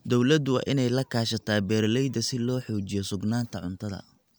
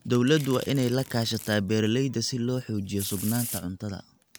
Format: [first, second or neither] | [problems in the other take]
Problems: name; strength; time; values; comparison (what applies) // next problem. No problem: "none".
first | background sound (Domestic sounds, home sounds); 15 dB below the speech